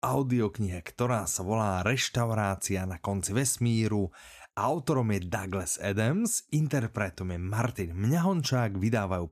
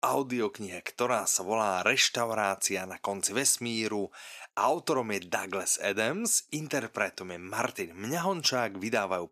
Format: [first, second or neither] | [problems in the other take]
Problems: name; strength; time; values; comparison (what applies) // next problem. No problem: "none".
first | thin; somewhat; fading below 350 Hz